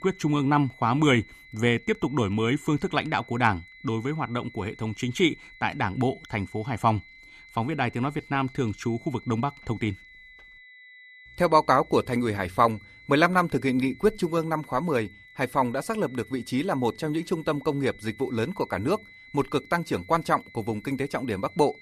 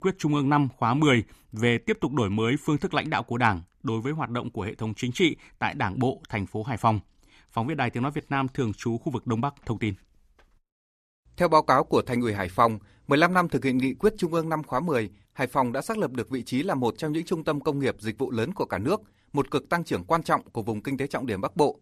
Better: second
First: high-pitched whine; faint; throughout; 2 kHz, 20 dB below the speech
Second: none

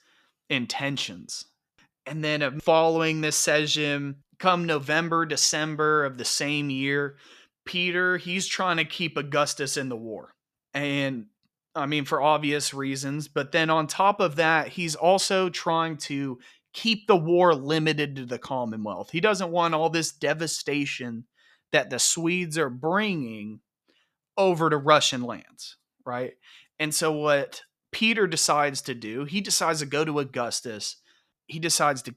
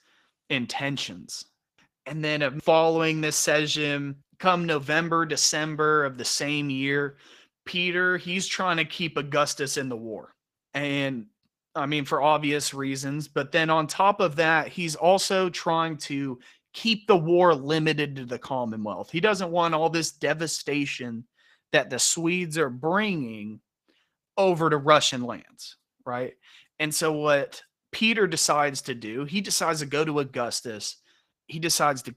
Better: first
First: none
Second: garbled, watery; slightly

